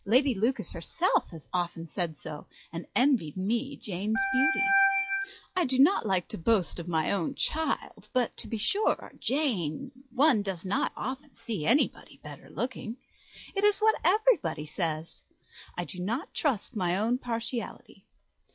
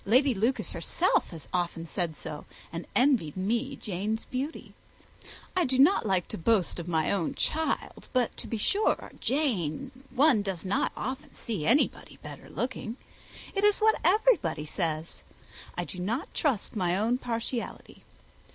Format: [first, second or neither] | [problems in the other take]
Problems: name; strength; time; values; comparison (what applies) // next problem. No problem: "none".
second | noise reduction (classical method log-MMSE)